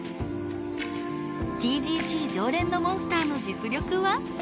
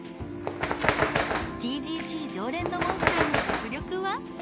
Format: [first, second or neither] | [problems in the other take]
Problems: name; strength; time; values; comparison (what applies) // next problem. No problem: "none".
first | background sound (Bird); 2 dB above the speech